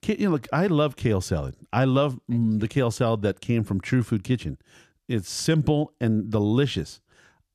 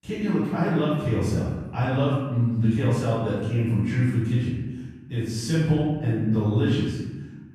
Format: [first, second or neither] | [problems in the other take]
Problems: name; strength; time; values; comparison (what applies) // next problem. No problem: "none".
first | room echo; strong; dies away in 1.1 s // off-mic speech; far